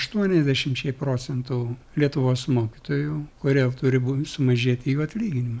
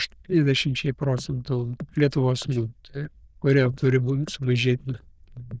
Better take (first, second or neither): first